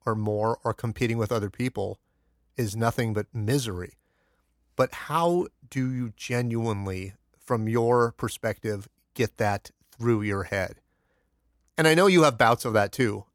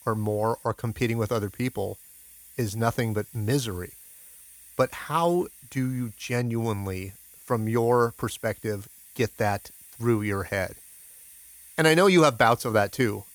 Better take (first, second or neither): first